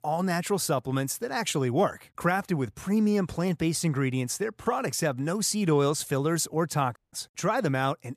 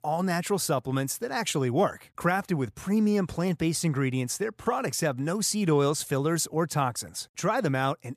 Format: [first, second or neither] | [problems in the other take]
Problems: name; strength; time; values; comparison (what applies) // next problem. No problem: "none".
second | audio cutting out; at 7 s